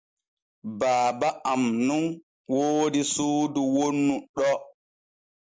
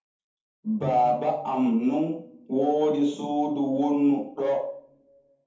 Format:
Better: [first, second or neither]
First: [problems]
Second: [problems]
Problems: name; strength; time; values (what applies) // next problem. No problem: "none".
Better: first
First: none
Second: background sound (Bowed string instrument); 17 dB below the speech // room echo; dies away in 0.6 s